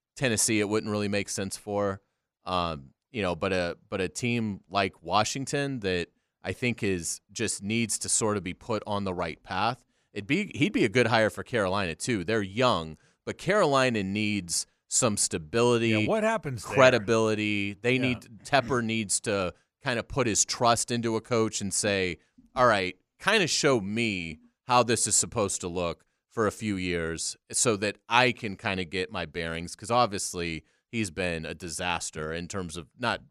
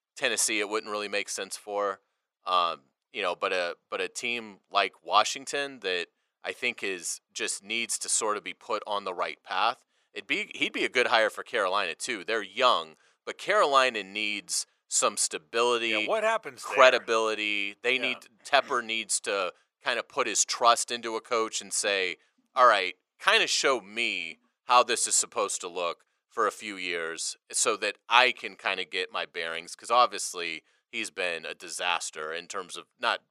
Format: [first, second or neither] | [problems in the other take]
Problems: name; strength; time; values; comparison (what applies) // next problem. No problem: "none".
first | thin; very; fading below 550 Hz